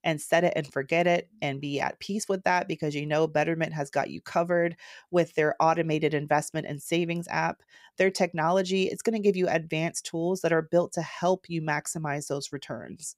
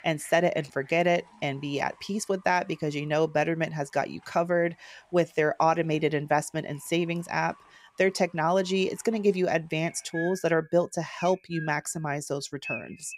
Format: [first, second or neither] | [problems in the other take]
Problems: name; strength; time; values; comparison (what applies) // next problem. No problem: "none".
first | animal sounds; noticeable; throughout; 15 dB below the speech